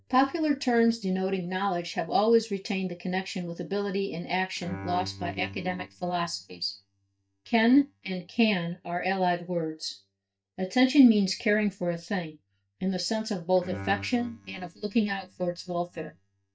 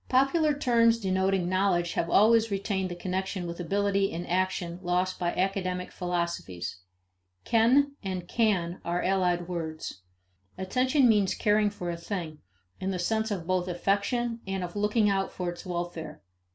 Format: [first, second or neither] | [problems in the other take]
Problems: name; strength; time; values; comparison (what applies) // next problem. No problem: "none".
second | noise reduction (neural mask model DeepFilterNet 3)